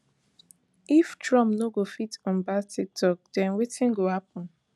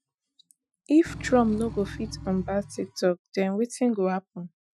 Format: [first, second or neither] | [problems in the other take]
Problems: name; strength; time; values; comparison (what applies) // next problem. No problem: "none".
first | noise reduction (classical method Wiener filter)